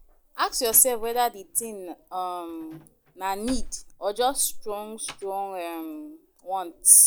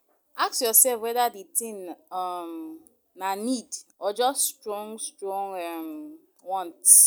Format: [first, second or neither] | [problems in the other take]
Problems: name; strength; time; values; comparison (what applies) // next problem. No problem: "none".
second | background sound (Slam); 15 dB below the speech